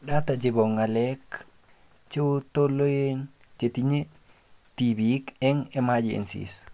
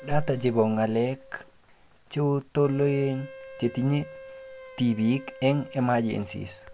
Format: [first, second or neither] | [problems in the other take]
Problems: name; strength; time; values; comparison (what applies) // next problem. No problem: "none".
first | background sound (Wind instrument, woodwind instrument); 19 dB below the speech